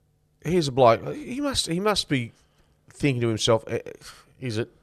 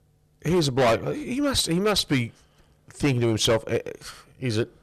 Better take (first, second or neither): first